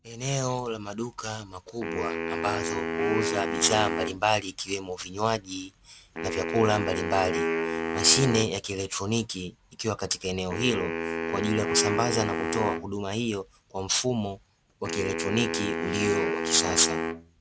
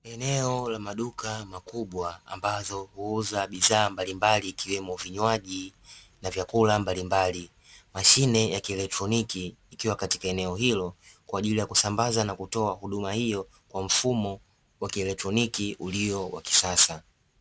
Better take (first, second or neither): second